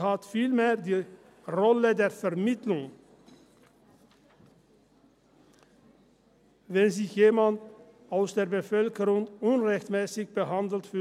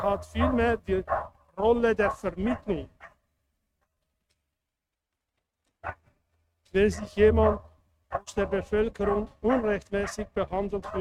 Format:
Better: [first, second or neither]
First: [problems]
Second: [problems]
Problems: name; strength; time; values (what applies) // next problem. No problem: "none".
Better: first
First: none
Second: noise reduction (neural mask model RNNoise)